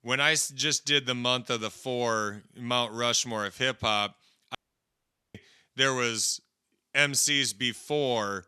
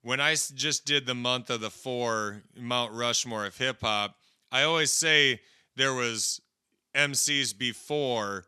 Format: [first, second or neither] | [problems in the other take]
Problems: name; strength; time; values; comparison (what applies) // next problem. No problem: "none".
second | audio cutting out; at 4.5 s for 1 s